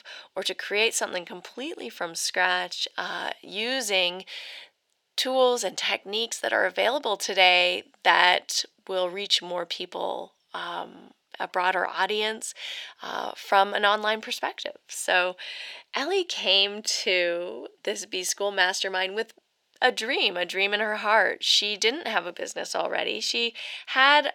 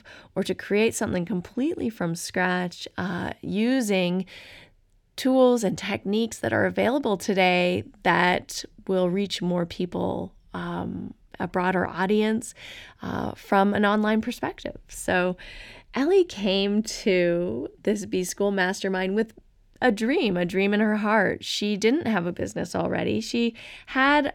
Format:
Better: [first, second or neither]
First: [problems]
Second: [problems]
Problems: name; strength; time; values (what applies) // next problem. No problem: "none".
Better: second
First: thin; very; fading below 700 Hz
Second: none